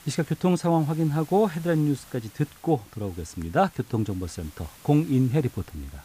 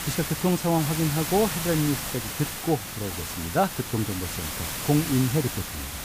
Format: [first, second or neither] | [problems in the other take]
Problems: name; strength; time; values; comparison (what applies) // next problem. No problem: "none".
first | hiss; loud; throughout; 4 dB below the speech; faint in the first